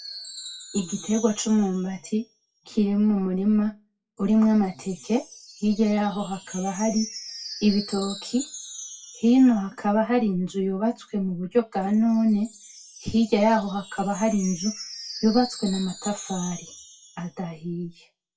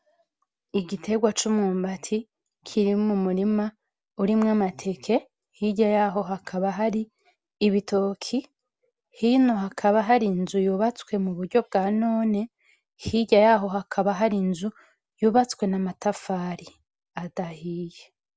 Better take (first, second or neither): second